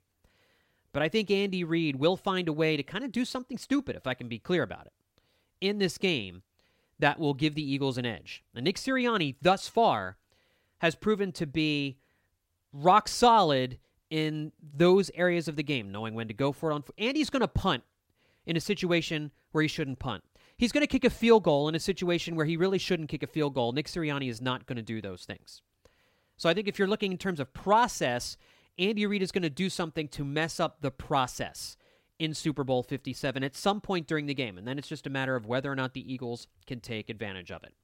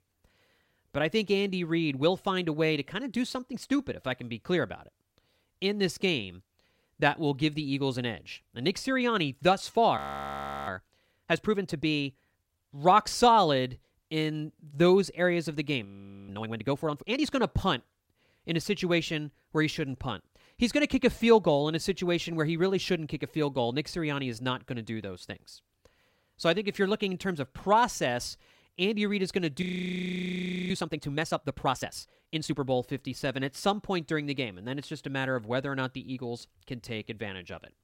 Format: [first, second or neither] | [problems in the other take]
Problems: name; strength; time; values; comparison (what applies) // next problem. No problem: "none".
first | audio freezing; at 10 s for 0.5 s, at 16 s and at 30 s for 1 s